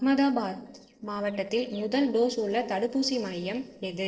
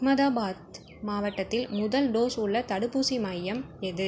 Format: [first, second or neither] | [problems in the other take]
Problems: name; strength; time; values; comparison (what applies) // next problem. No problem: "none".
second | noise reduction (neural separator model SepFormer DNS4)